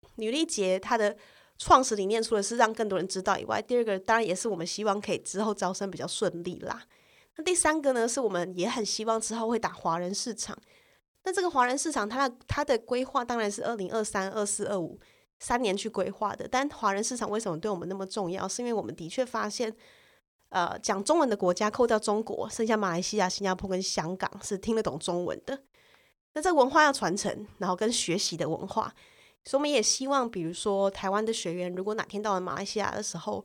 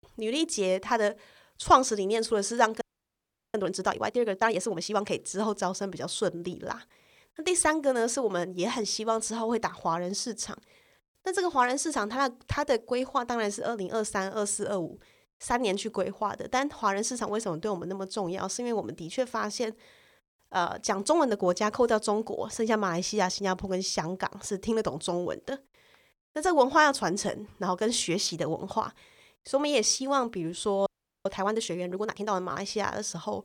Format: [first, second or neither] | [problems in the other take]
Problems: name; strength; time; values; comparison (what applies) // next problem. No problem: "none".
first | audio freezing; at 3 s for 0.5 s and at 31 s